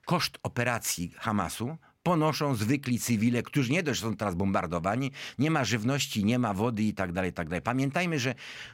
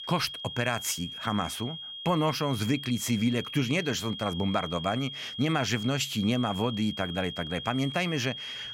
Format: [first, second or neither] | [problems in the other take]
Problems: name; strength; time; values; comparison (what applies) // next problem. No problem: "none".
first | high-pitched whine; loud; throughout; 3.5 kHz, 8 dB below the speech